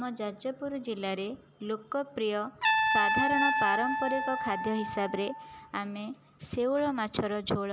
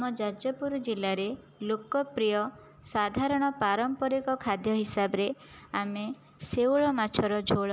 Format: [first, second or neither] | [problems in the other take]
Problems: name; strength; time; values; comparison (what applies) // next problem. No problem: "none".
second | background sound (Trumpet); 1 dB below the speech